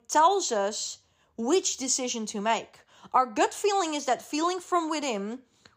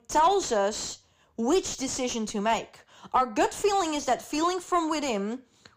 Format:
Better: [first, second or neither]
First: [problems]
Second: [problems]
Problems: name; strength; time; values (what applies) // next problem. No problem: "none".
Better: first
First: none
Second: distortion; slight; 10 dB below the speech